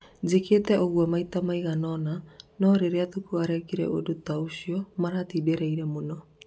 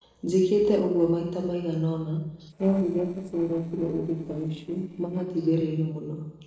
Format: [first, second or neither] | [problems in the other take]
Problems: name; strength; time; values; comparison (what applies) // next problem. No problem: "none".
first | noise reduction (neural separator model SepFormer DNS4)